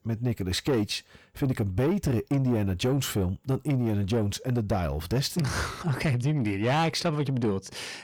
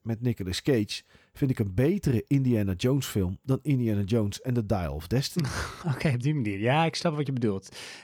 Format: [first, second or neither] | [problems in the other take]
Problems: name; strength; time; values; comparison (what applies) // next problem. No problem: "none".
second | distortion; slight; 10 dB below the speech